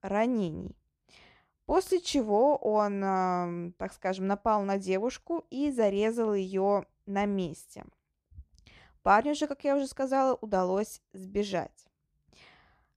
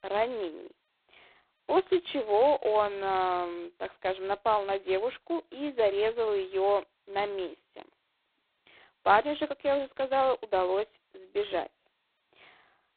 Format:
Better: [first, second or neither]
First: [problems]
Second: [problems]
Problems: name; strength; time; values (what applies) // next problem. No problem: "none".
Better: first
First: none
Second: phone-call audio; poor line; nothing above 4 kHz